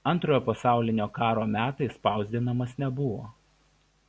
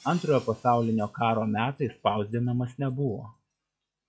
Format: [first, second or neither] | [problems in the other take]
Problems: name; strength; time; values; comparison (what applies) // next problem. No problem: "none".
first | noise reduction (classical method log-MMSE)